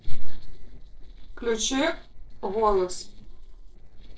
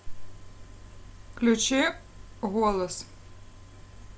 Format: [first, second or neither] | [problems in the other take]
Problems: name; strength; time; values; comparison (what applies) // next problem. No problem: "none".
second | noise reduction (neural separator model SepFormer DNS4)